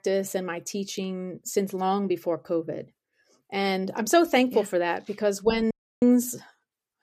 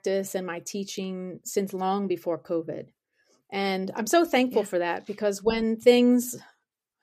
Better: second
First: audio cutting out; at 5.5 s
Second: none

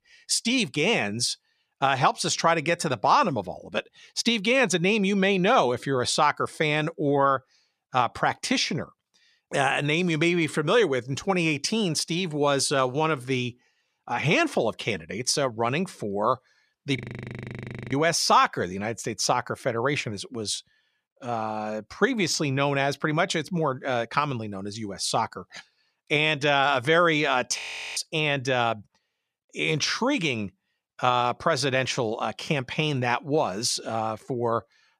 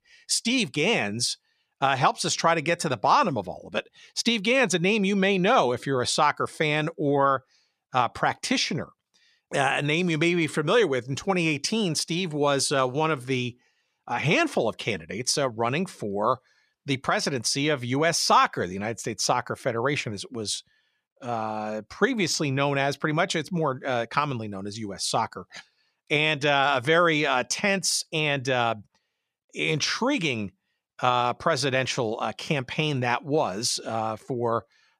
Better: second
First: audio freezing; at 17 s for 1 s and at 28 s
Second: none

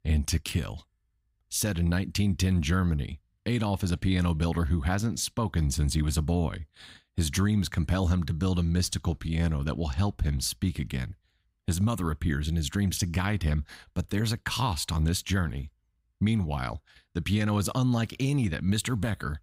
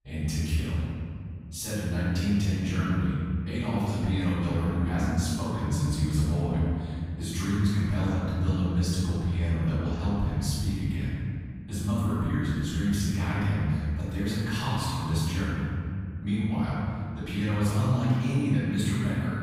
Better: first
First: none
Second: off-mic speech; far // room echo; strong; dies away in 2.2 s

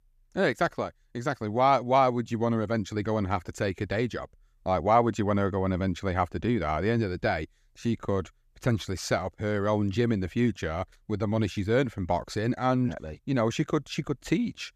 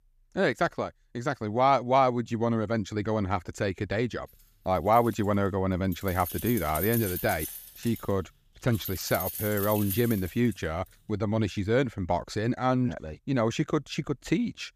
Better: first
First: none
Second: jangling keys; noticeable; from 5 to 11 s; peak 3 dB below the speech

